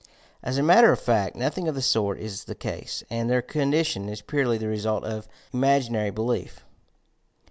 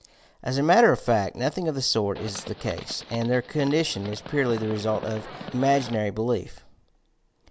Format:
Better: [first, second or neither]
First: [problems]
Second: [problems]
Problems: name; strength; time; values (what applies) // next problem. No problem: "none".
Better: first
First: none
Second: background sound (Livestock, farm animals, working animals); 14 dB below the speech